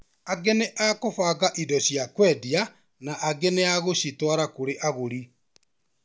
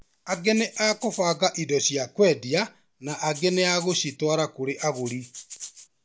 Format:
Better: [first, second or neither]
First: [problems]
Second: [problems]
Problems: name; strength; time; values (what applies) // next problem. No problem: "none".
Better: first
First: none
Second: background sound (Rattle (instrument)); 16 dB below the speech